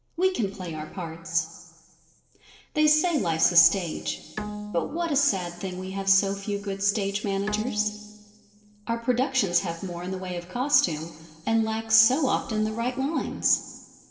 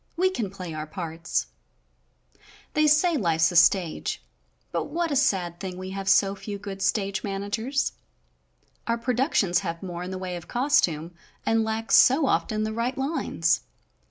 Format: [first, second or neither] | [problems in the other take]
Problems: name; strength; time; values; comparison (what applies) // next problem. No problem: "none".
second | noise reduction (neural separator model SepFormer DNS4)